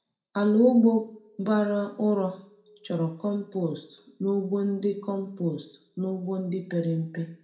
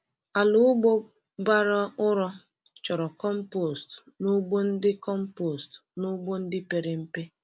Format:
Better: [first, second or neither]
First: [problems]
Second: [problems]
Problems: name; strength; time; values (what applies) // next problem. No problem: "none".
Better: second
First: room echo; dies away in 0.4 s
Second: none